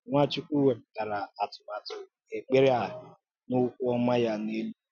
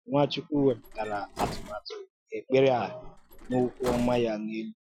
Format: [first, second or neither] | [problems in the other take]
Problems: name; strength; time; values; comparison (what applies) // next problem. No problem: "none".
first | noise reduction (classical method Wiener filter)